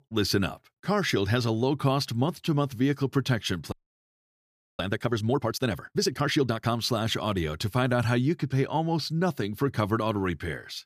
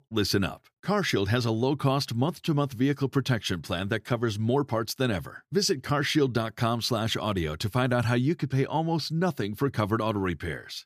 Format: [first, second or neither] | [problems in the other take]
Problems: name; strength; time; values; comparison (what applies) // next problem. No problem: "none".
second | audio freezing; at 3.5 s for 1 s